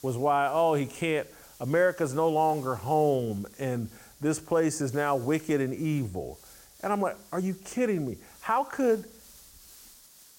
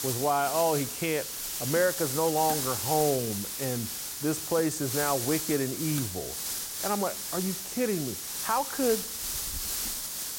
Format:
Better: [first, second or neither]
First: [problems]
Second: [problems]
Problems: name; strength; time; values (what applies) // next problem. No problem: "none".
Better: first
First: hiss; faint; throughout; 25 dB below the speech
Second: hiss; loud; throughout; 2 dB below the speech